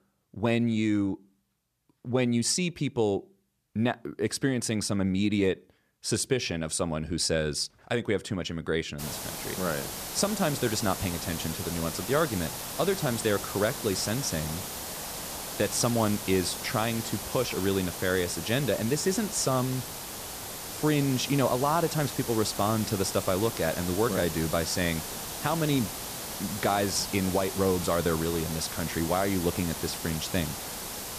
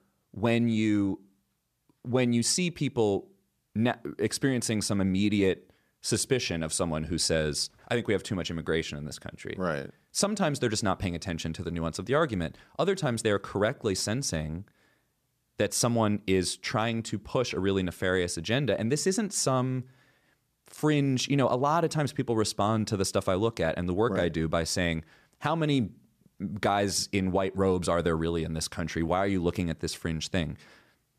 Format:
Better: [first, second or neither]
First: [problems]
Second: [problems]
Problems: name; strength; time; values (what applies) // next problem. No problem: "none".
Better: second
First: hiss; loud; from 9 s on; 6 dB below the speech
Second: none